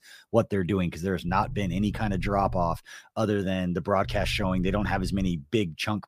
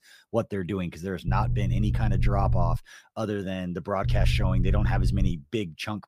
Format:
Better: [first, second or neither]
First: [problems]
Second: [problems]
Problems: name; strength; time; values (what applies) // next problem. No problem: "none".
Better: first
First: low rumble; faint; from 1.5 to 3 s and from 4 to 5.5 s; 25 dB below the speech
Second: low rumble; loud; from 1.5 to 3 s and from 4 to 5.5 s; 9 dB below the speech